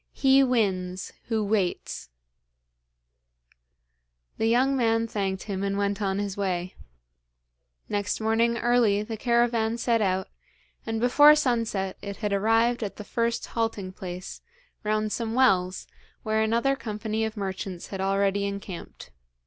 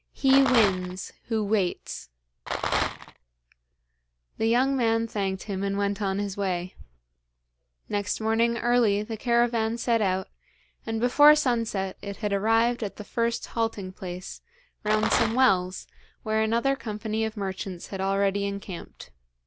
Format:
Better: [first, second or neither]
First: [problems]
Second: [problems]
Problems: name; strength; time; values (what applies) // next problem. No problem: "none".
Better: first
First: none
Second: background sound (Rattle); 2 dB below the speech